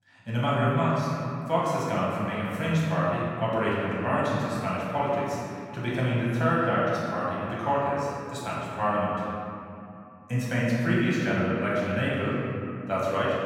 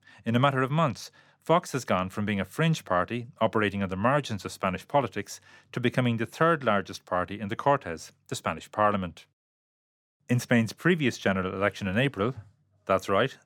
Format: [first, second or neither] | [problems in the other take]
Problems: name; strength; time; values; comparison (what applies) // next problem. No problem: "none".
second | room echo; strong; dies away in 2.5 s // off-mic speech; far